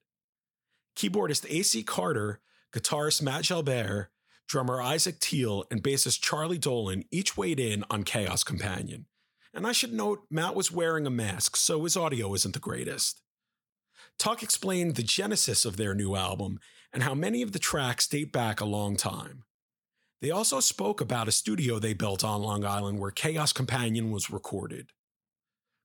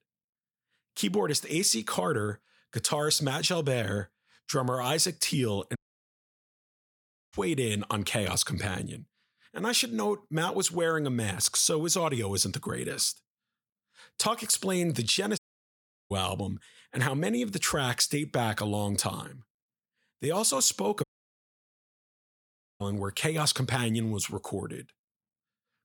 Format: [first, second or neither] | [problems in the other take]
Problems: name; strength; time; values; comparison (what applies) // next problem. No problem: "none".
first | audio cutting out; at 6 s for 1.5 s, at 15 s for 0.5 s and at 21 s for 2 s